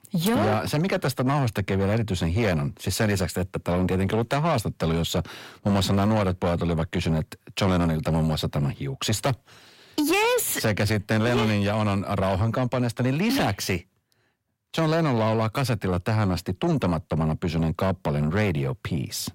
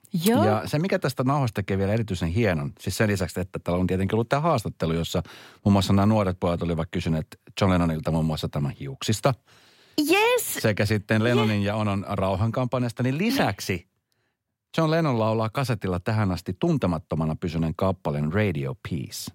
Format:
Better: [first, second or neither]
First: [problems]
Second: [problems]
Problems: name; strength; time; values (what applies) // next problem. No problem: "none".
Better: second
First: distortion; slight; 10 dB below the speech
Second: none